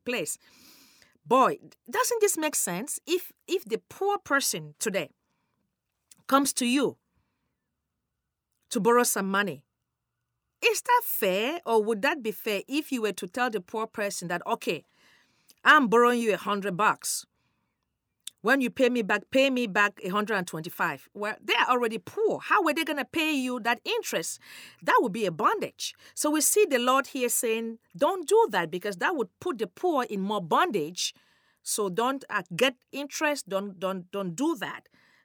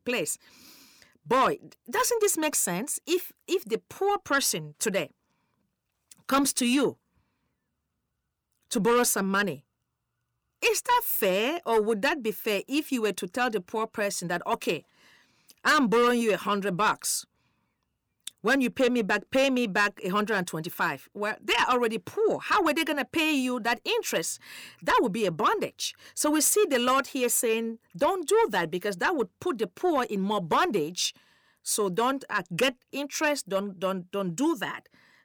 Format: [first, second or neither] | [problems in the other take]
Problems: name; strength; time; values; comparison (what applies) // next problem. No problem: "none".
first | distortion; slight; 10 dB below the speech